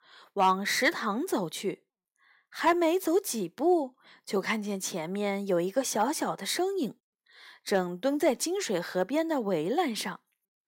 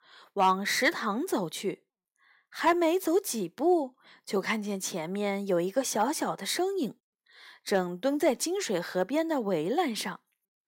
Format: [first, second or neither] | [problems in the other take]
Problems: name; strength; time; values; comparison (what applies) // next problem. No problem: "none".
neither | none